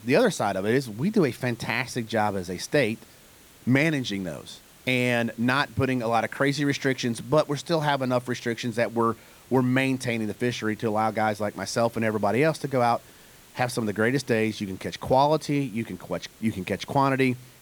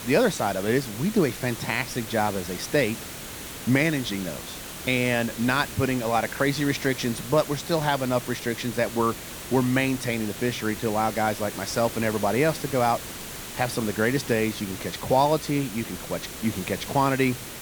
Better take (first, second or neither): first